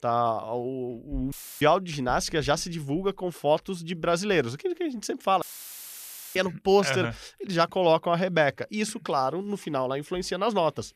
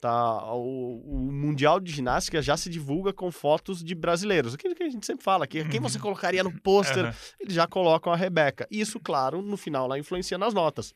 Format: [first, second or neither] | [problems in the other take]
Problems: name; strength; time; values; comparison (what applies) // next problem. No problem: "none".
second | audio cutting out; filled with static; at 1.5 s and at 5.5 s for 1 s